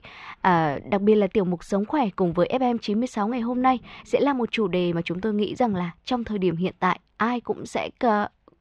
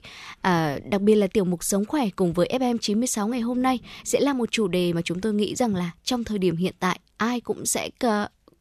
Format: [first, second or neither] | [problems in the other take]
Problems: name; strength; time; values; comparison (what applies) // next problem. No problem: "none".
second | muffled; very; fading above 2.5 kHz